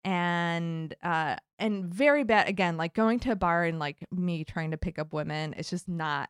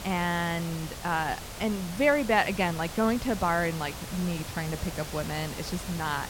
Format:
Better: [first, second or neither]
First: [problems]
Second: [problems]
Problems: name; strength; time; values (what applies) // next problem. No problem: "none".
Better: first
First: none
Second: hiss; loud; throughout; 10 dB below the speech